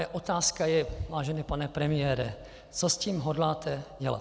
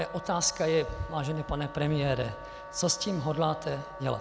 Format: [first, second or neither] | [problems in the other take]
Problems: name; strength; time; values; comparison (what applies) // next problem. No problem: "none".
first | background sound (Wind instrument, woodwind instrument); 14 dB below the speech